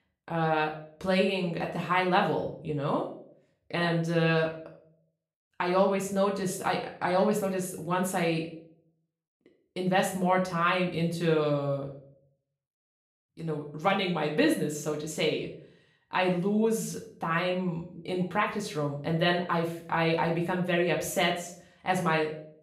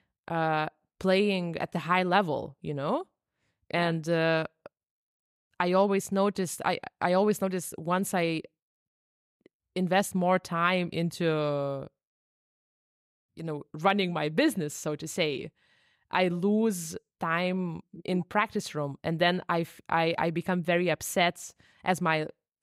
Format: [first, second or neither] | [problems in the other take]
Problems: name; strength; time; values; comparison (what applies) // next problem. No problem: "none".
second | room echo; slight; dies away in 0.4 s // off-mic speech; far